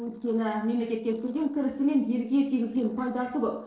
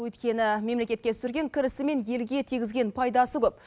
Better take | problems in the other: second | noise reduction (neural separator model SepFormer DNS4)

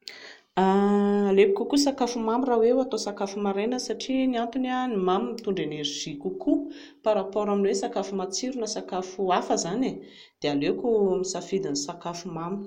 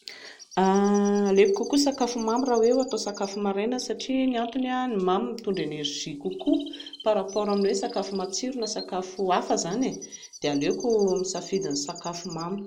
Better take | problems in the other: first | background sound (Chirp, tweet); 19 dB below the speech

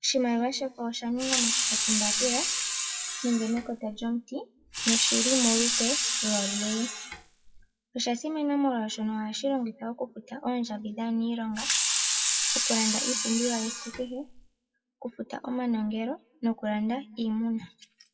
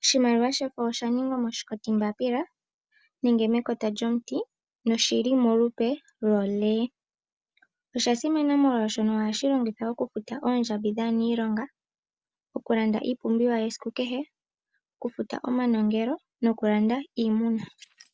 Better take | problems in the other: second | noise reduction (classical method WPE with log-MMSE)

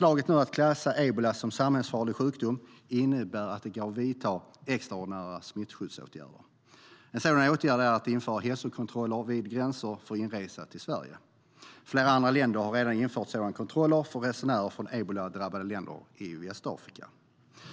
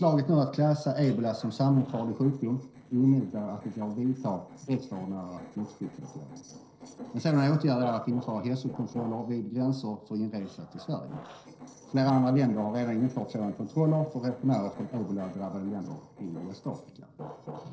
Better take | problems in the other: first | noise reduction (neural separator model SepFormer DNS4)

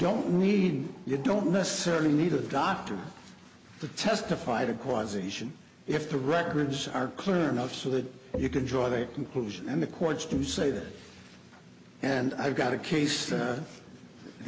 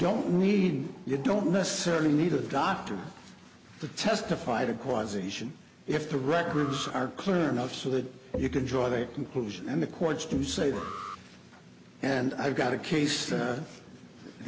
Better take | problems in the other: first | background sound (Alarm); 15 dB below the speech

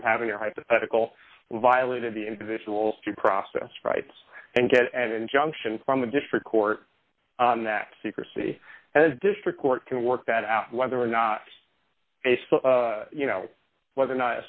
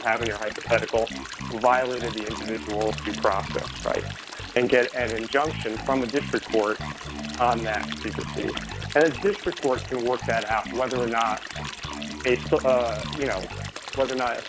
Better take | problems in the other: first | background sound (Stream + Bass guitar); 8 dB below the speech

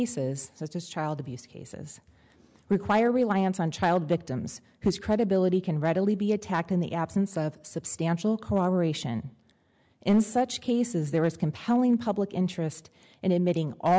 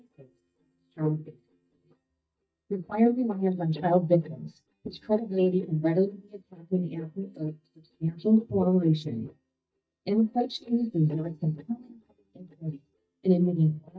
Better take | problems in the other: first | noise reduction (neural mask model DeepFilterNet 3)

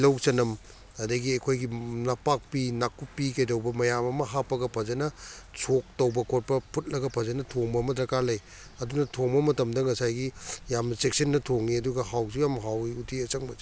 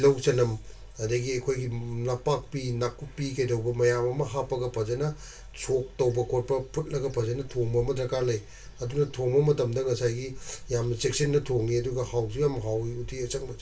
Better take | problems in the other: first | room echo; dies away in 0.2 s

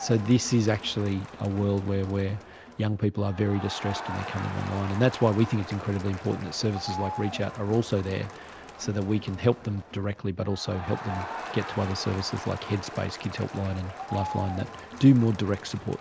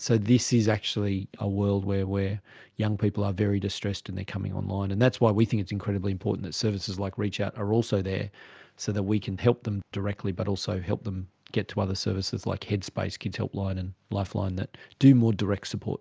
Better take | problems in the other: second | background sound (Crowd); 12 dB below the speech

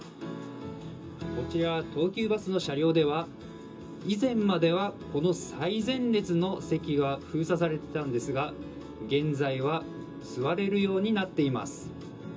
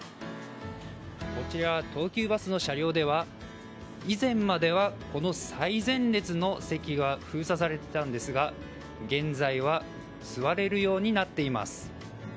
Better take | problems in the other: second | room echo; dies away in 0.2 s

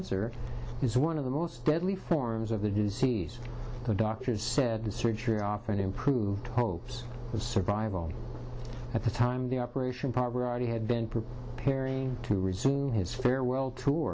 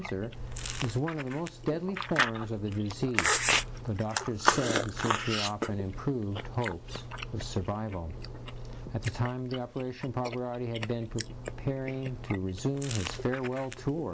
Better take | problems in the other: first | background sound (Chewing, mastication); 2 dB below the speech

